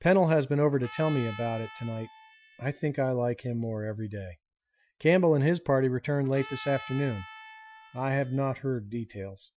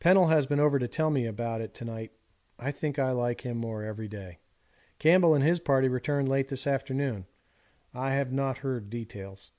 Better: second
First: noise reduction (classical method Wiener filter)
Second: none

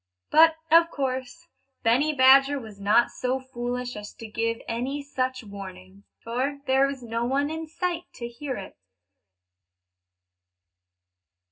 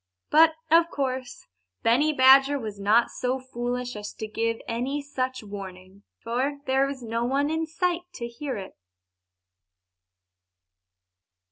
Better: second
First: room echo; dies away in 0.4 s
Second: none

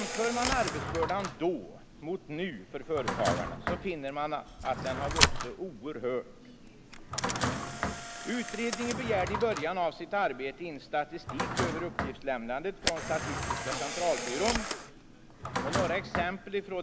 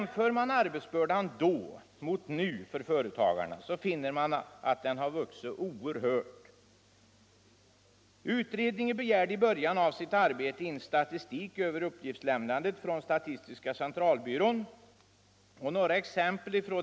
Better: second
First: background sound (Camera + Drawer open or close); 1 dB below the speech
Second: none

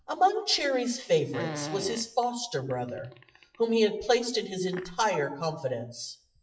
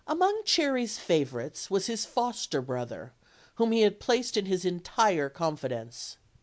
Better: second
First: noise reduction (classical method WPE with log-MMSE)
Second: none

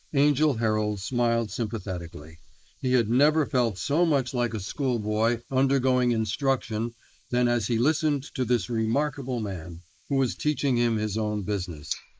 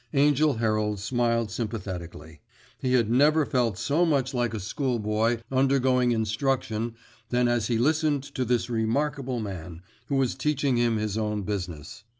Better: second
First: noise reduction (neural mask model Resemble Enhance denoiser)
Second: none

